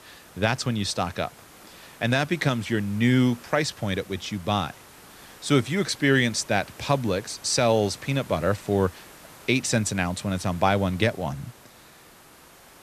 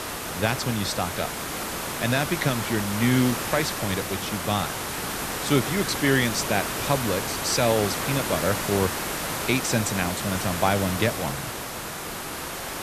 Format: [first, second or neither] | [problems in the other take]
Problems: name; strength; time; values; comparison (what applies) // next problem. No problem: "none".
first | hiss; loud; throughout; 3 dB below the speech; faint in the first